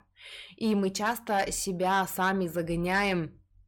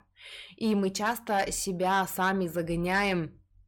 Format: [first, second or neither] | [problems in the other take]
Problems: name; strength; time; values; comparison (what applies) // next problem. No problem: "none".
neither | distortion; slight; 10 dB below the speech; the same in both